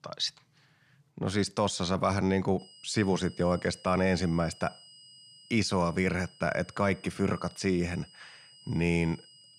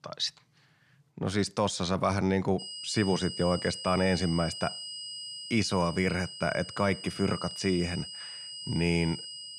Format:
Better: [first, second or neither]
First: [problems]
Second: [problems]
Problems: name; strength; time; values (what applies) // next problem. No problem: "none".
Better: first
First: high-pitched whine; faint; from 2.5 s on; 5 kHz, 25 dB below the speech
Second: high-pitched whine; loud; from 2.5 s on; 5 kHz, 9 dB below the speech